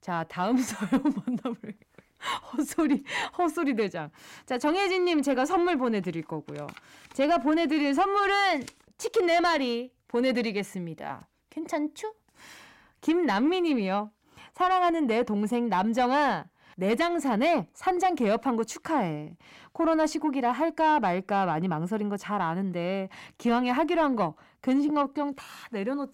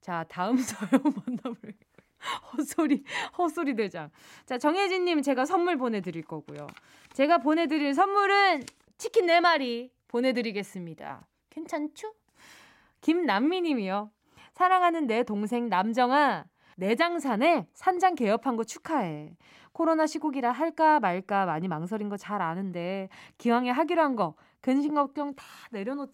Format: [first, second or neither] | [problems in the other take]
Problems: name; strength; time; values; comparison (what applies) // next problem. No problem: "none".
second | distortion; slight; 10 dB below the speech